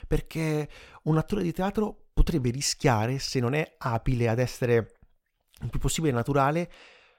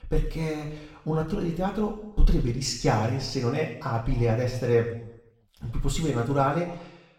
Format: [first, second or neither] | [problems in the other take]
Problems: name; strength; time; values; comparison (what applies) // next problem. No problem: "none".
first | room echo; slight; dies away in 0.8 s // off-mic speech; far